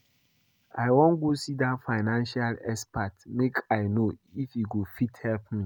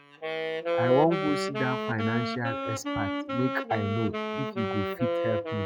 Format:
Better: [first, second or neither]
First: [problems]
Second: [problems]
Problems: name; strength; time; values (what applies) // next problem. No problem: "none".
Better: first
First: none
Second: noise reduction (classical method log-MMSE)